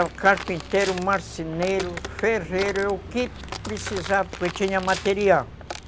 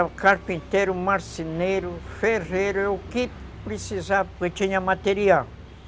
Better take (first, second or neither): second